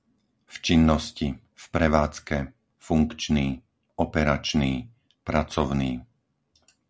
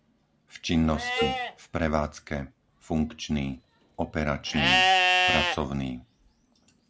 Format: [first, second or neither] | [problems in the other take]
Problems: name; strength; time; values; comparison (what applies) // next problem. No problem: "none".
first | background sound (Wind instrument, woodwind instrument + Livestock, farm animals, working animals); 1 dB above the speech